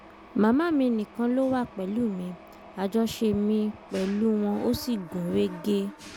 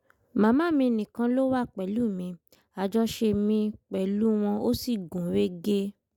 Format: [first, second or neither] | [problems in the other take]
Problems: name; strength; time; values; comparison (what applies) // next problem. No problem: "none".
second | background sound (Mechanisms); 19 dB below the speech